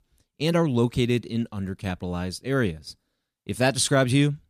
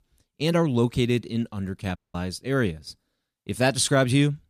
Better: first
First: none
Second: audio cutting out; at 2 s

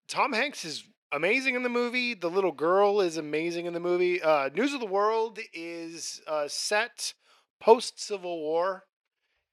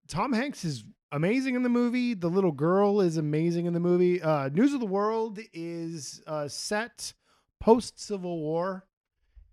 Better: second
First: thin; somewhat; fading below 500 Hz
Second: none

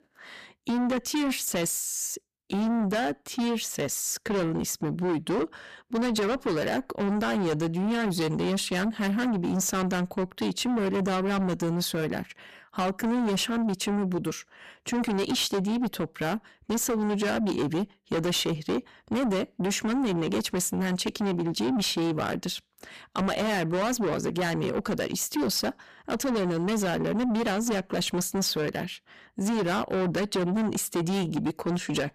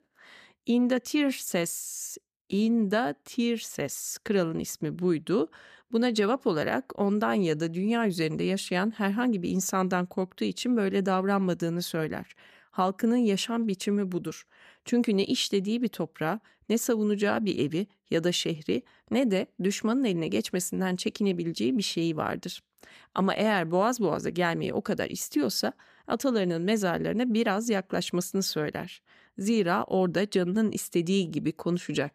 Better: second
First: distortion; heavy; 6 dB below the speech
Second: none

